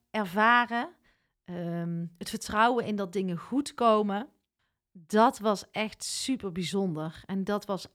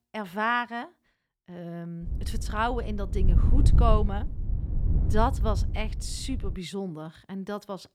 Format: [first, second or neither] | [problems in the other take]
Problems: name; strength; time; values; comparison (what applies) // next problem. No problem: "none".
first | wind noise on the microphone; occasional gusts; from 2 to 6.5 s; 15 dB below the speech